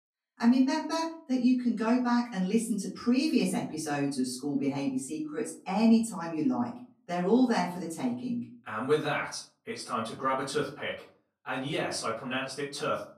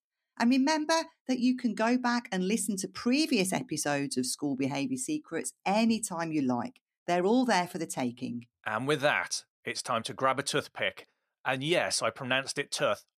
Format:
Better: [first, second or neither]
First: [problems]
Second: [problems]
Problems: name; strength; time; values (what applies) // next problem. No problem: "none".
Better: second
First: off-mic speech; far // room echo; slight; dies away in 0.4 s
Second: none